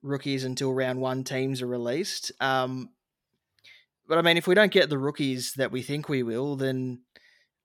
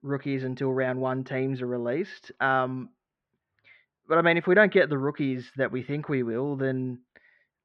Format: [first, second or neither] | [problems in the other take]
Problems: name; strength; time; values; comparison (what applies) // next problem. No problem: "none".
first | muffled; very; fading above 2.5 kHz